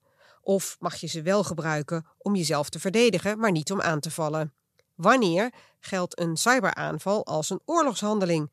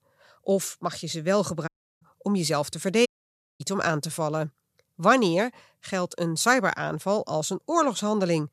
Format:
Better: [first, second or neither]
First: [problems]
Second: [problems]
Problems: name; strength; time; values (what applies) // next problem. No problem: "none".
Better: first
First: none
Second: audio cutting out; at 1.5 s and at 3 s for 0.5 s